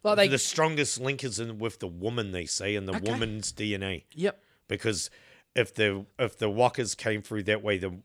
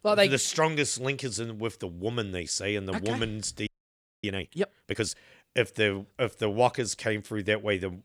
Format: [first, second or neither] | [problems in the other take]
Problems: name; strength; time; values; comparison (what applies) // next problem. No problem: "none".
first | audio freezing; at 3.5 s for 0.5 s